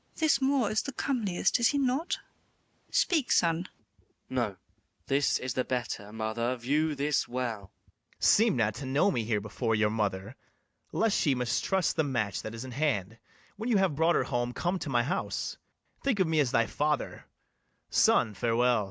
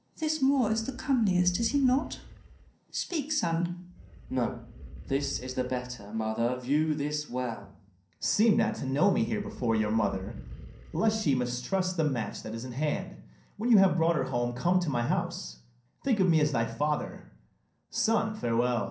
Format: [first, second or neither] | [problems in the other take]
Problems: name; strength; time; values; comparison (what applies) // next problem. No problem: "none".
first | background sound (Animal); 16 dB below the speech // room echo; dies away in 0.6 s